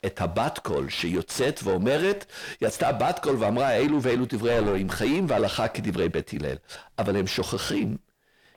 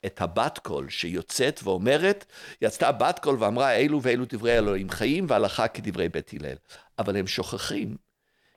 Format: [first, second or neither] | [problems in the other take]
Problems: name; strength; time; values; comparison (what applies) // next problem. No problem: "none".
second | distortion; heavy; 8 dB below the speech